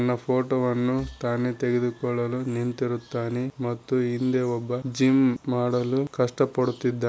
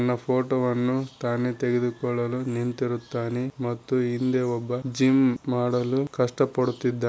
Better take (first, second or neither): second